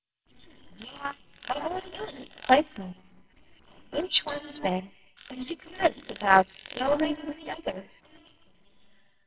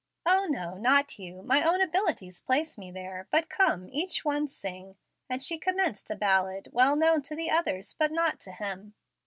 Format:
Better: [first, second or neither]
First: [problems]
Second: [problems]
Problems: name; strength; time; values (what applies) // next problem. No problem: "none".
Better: second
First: noise reduction (neural separator model SepFormer WHAMR!)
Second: none